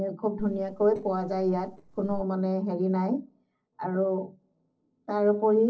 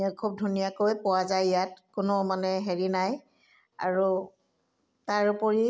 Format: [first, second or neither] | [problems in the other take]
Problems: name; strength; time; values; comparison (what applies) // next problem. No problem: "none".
second | noise reduction (neural separator model SepFormer DNS4)